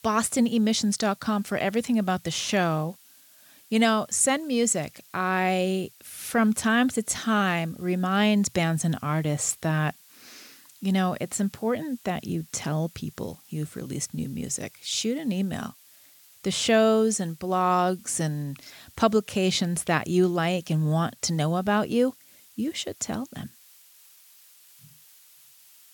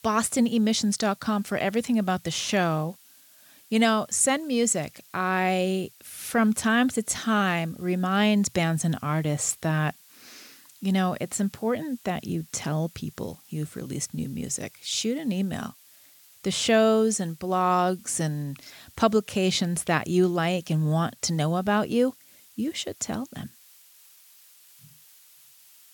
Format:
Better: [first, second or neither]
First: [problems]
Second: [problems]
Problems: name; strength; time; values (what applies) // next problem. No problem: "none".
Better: neither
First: hiss; faint; throughout; 25 dB below the speech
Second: hiss; faint; throughout; 25 dB below the speech